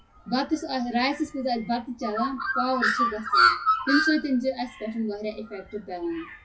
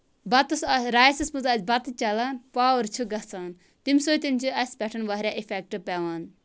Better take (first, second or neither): second